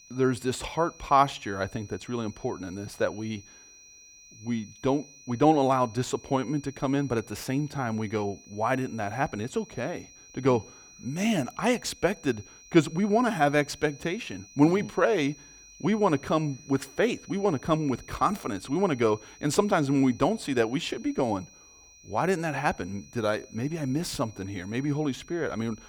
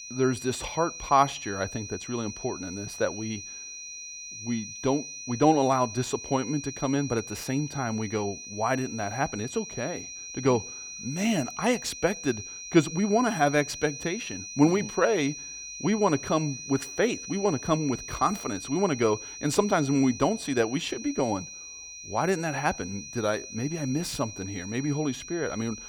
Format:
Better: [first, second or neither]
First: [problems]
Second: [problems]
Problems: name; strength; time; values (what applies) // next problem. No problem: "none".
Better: first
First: high-pitched whine; faint; throughout; 6 kHz, 20 dB below the speech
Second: high-pitched whine; loud; throughout; 6 kHz, 10 dB below the speech